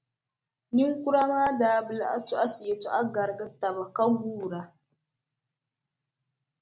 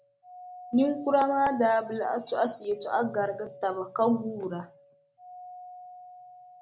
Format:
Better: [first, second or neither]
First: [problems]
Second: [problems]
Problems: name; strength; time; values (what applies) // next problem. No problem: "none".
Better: first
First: none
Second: background sound (Doorbell); 19 dB below the speech